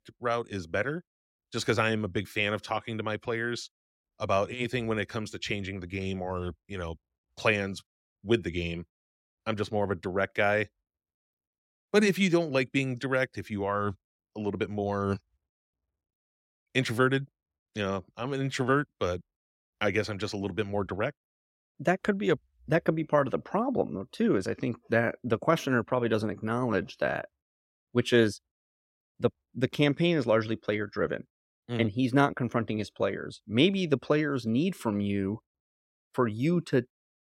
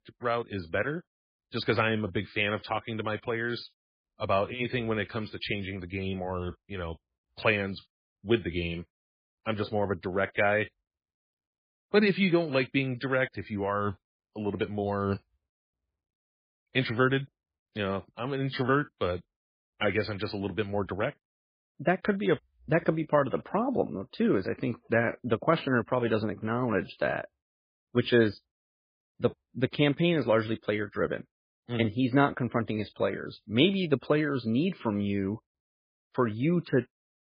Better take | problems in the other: first | garbled, watery; badly; nothing above 5 kHz

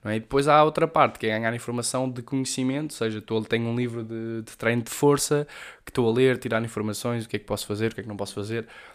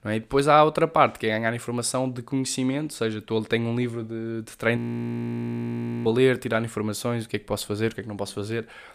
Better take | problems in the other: first | audio freezing; at 5 s for 1.5 s

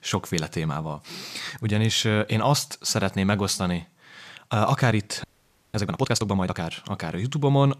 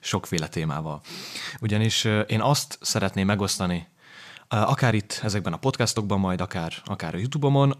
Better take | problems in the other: second | audio freezing; at 5 s for 0.5 s

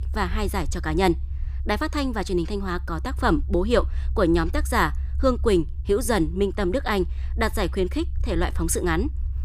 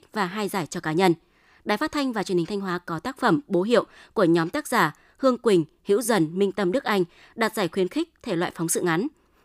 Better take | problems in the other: second | low rumble; faint; throughout; 25 dB below the speech

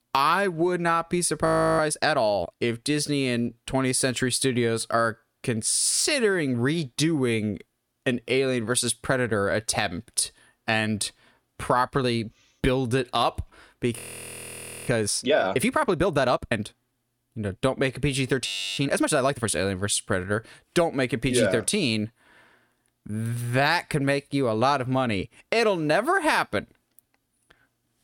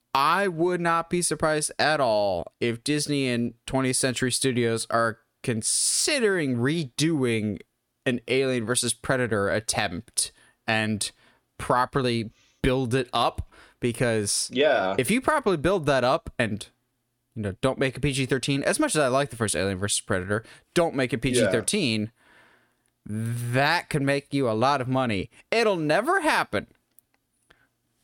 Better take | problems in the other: second | audio freezing; at 1.5 s, at 14 s for 1 s and at 18 s

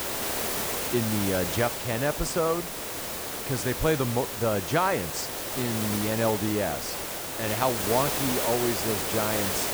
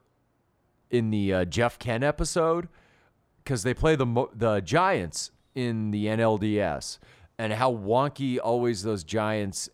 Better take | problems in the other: second | hiss; loud; throughout; 1 dB below the speech

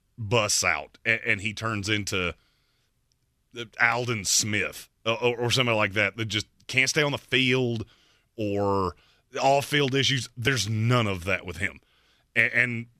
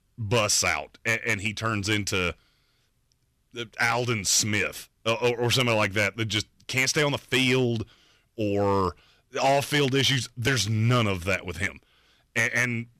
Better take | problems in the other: first | distortion; slight; 4% of the sound clipped

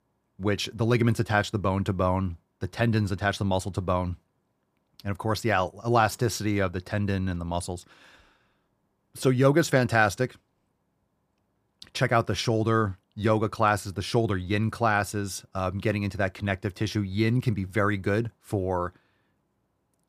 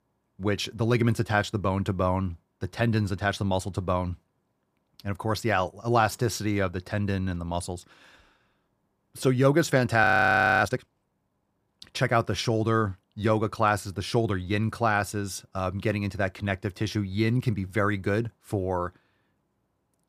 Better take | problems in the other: first | audio freezing; at 10 s for 0.5 s

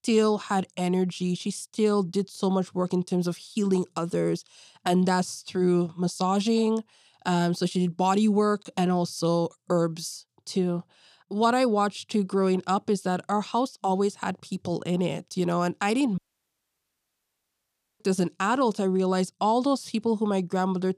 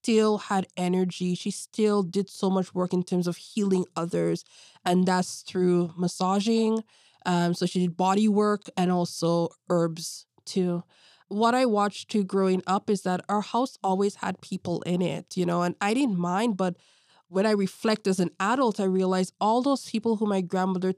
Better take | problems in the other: second | audio cutting out; at 16 s for 2 s

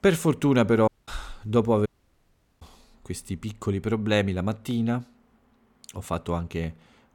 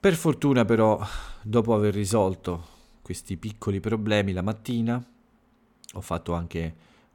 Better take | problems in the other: second | audio cutting out; at 1 s and at 2 s for 0.5 s

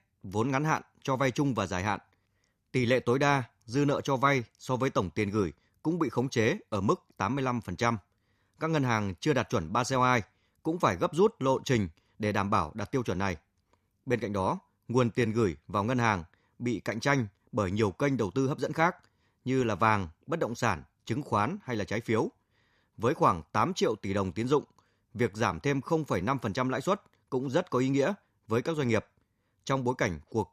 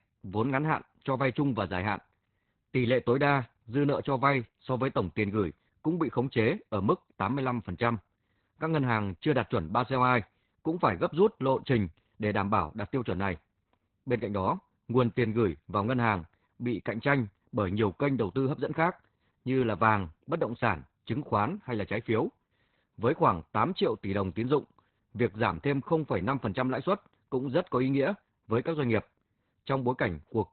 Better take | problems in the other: first | garbled, watery; badly; nothing above 4 kHz

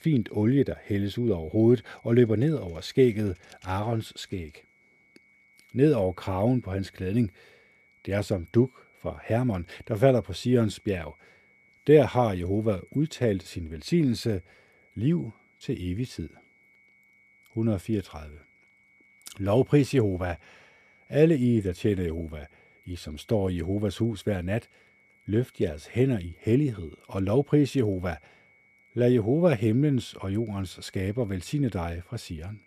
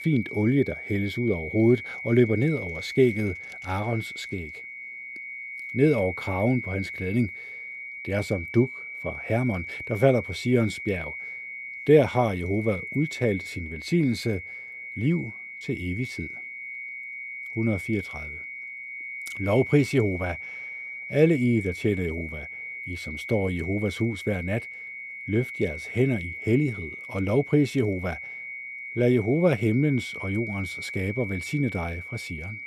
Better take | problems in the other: first | high-pitched whine; loud; throughout; 2 kHz, 9 dB below the speech; faint in the first

